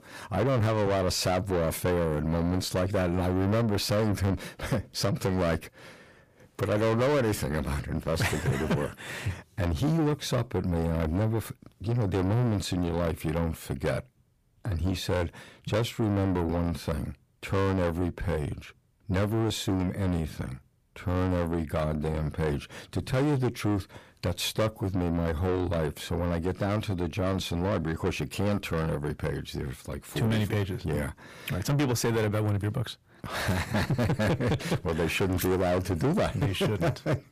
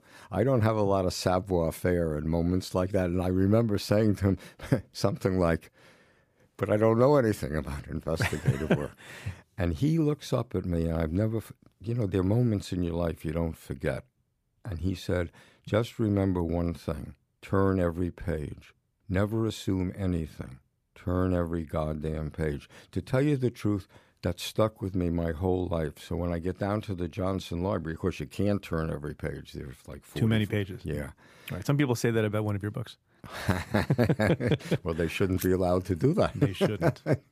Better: second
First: distortion; heavy; 6 dB below the speech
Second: none

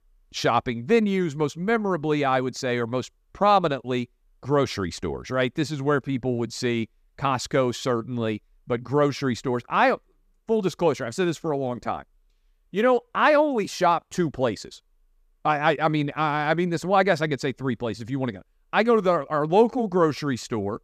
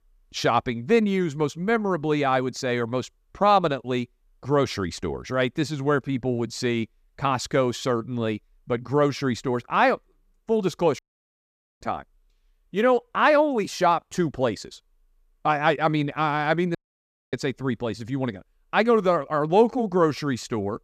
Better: first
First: none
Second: audio cutting out; at 11 s for 1 s and at 17 s for 0.5 s

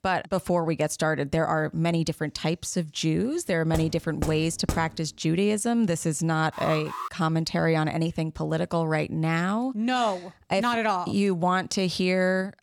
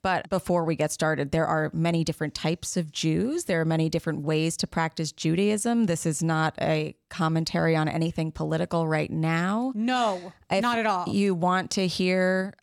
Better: second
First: door banging; noticeable; from 3.5 to 5 s; peak 7 dB below the speech // alarm; noticeable; at 6.5 s; peak 8 dB below the speech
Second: none

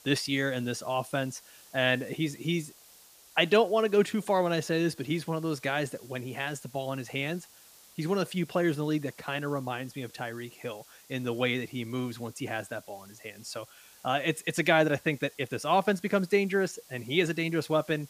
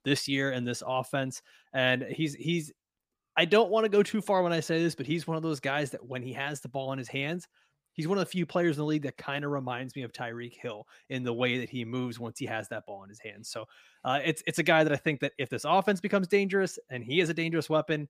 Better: second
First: hiss; faint; throughout; 25 dB below the speech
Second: none

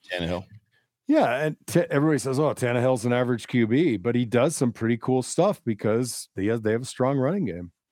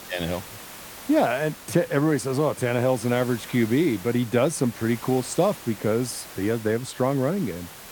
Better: first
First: none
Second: hiss; noticeable; throughout; 15 dB below the speech

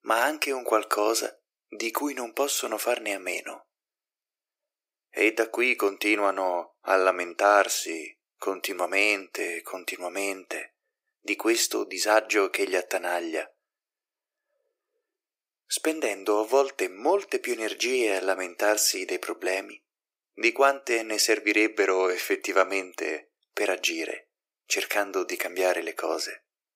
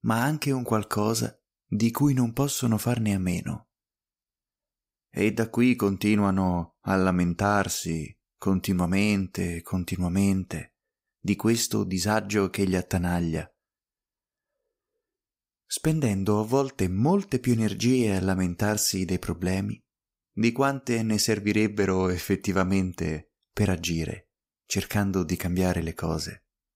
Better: second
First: thin; very; fading below 300 Hz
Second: none

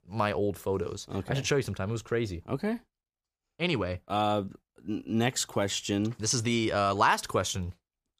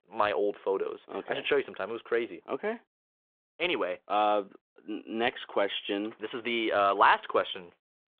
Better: first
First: none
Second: phone-call audio

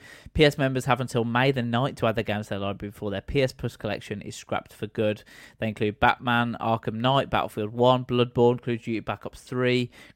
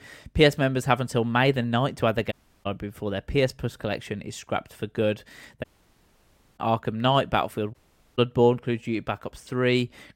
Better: first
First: none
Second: audio cutting out; at 2.5 s, at 5.5 s for 1 s and at 7.5 s

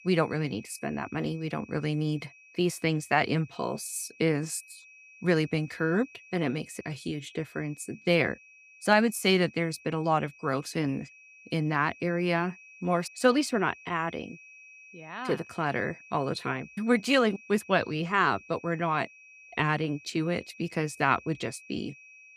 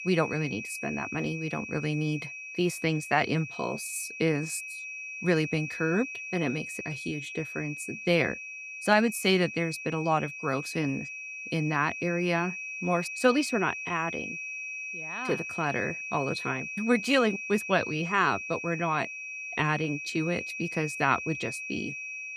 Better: first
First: high-pitched whine; faint; throughout; 2.5 kHz, 20 dB below the speech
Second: high-pitched whine; loud; throughout; 2.5 kHz, 7 dB below the speech

